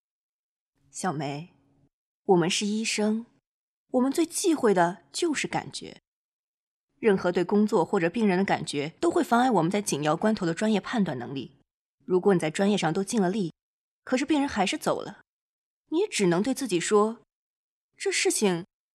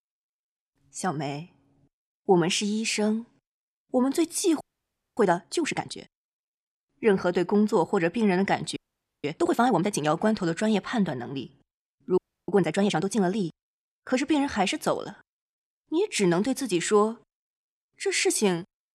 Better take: first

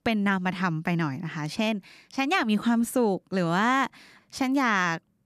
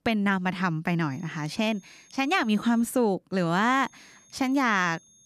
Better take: first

